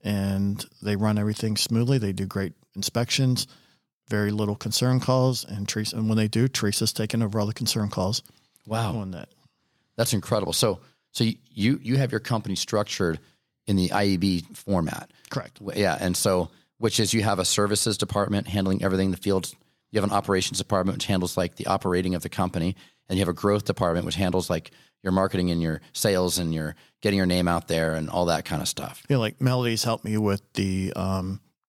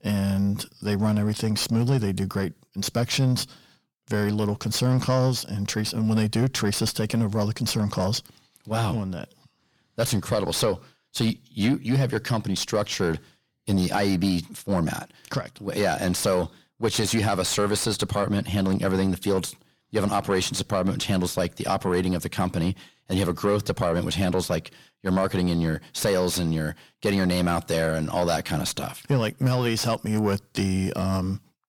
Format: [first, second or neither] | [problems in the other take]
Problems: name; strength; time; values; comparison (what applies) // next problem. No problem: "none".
first | distortion; slight; 10 dB below the speech